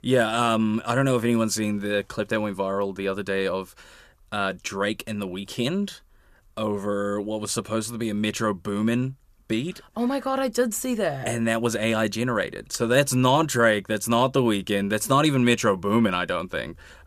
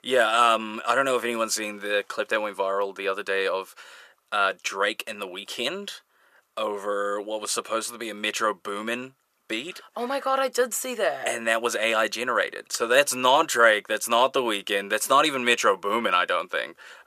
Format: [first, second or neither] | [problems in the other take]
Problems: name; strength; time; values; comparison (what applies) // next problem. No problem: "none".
first | thin; very; fading below 550 Hz